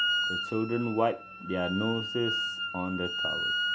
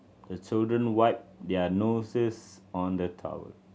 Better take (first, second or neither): second